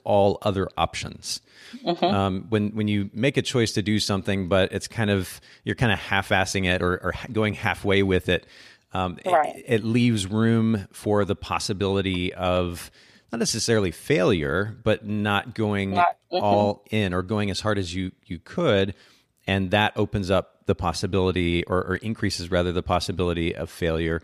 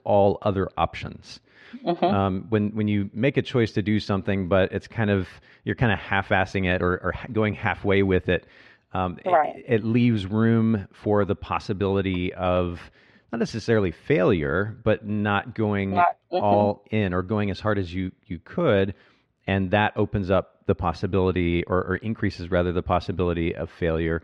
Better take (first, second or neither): first